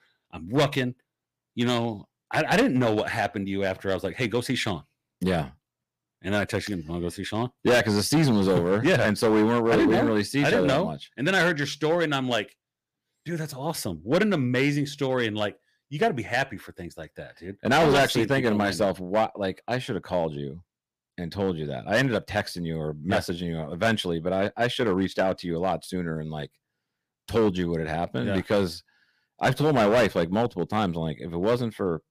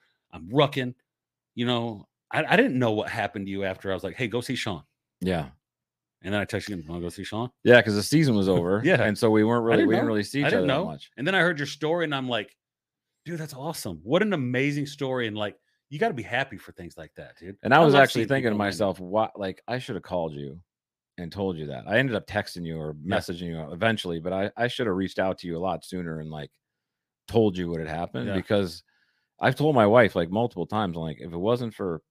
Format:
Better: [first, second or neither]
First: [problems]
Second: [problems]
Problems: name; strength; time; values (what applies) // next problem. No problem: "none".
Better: second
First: distortion; heavy; 5% of the sound clipped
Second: none